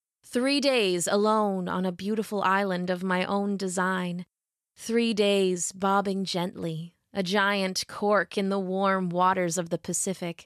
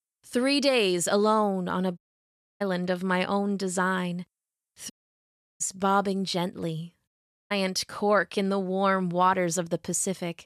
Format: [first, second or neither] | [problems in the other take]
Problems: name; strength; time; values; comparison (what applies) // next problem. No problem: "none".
first | audio cutting out; at 2 s for 0.5 s, at 5 s for 0.5 s and at 7 s